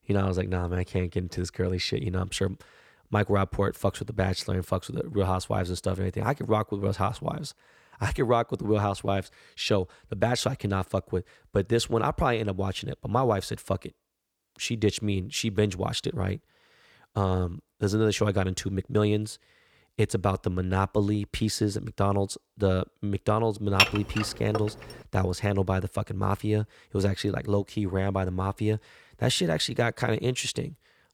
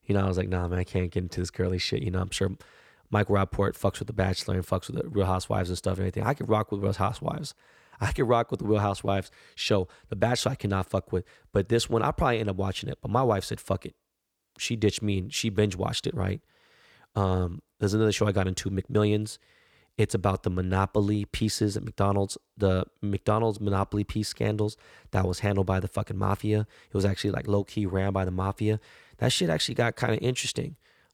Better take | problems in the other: second | clattering dishes; loud; at 24 s; peak 6 dB above the speech

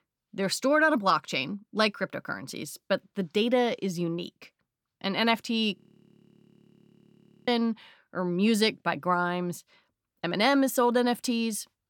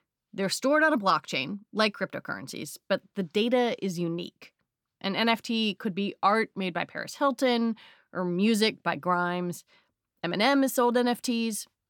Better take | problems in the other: second | audio freezing; at 6 s for 1.5 s

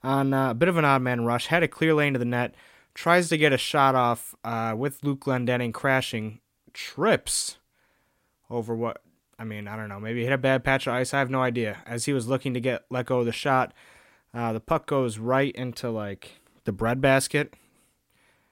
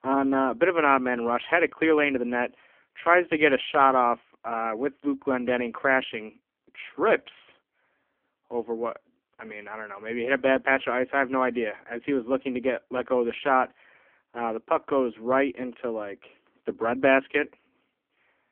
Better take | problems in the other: first | phone-call audio; poor line; nothing above 3.5 kHz

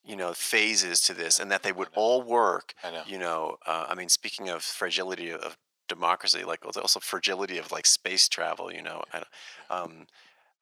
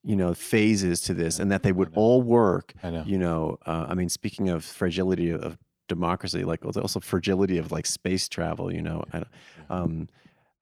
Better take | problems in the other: second | thin; very; fading below 800 Hz

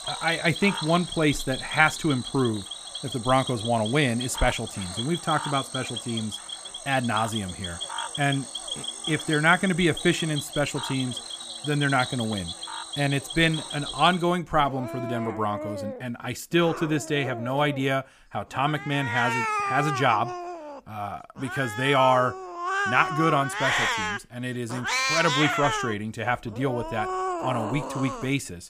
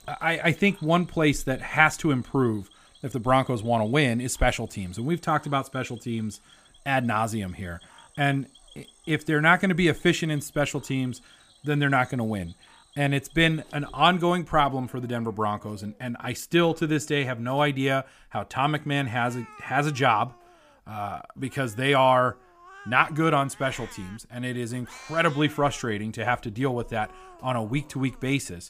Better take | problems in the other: second | animal sounds; loud; throughout; 5 dB below the speech; faint in the second

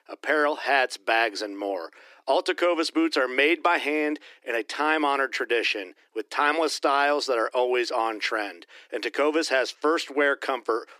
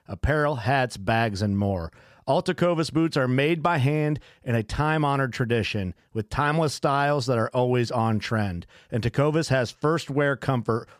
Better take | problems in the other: second | thin; very; fading below 300 Hz

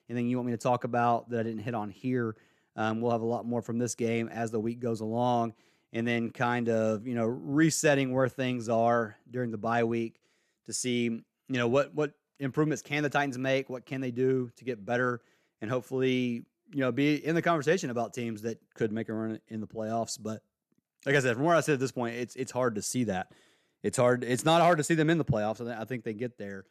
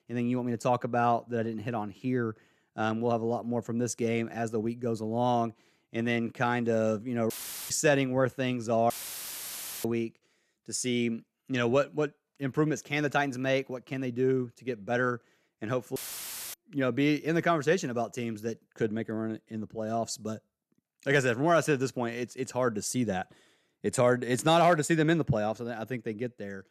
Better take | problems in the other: first | audio cutting out; filled with static; at 7.5 s, at 9 s for 1 s and at 16 s for 0.5 s

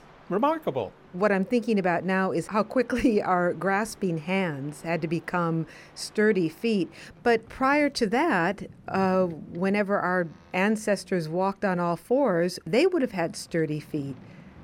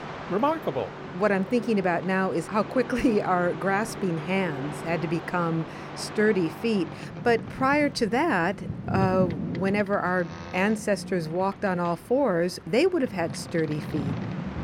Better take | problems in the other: first | train or aircraft noise; loud; throughout; 10 dB below the speech; faint in the first

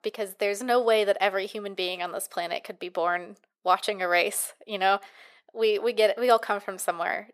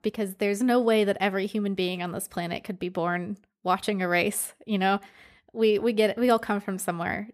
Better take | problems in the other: second | thin; very; fading below 550 Hz

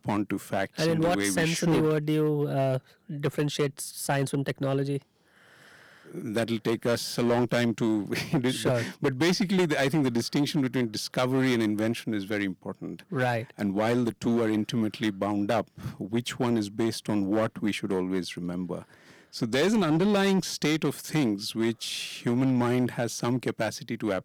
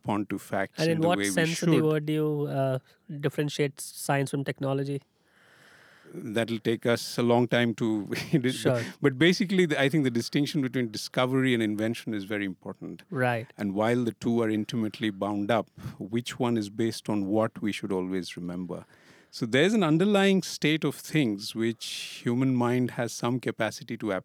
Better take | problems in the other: second | distortion; slight; 7% of the sound clipped

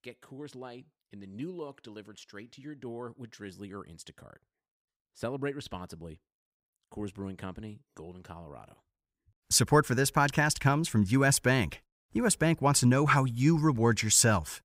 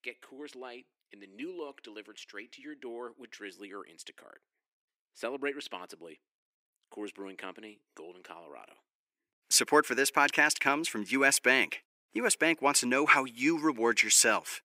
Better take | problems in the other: first | thin; somewhat; fading below 300 Hz

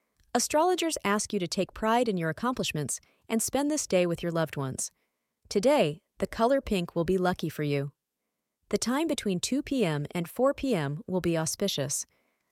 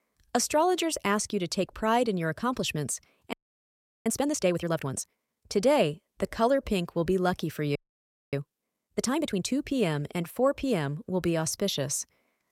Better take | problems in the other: first | audio freezing; at 3.5 s for 0.5 s and at 8 s for 0.5 s

